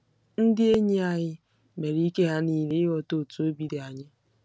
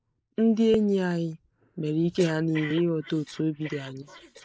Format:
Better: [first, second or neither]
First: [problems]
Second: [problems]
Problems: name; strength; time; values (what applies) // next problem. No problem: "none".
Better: first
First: none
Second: noise reduction (neural mask model Resemble Enhance denoiser)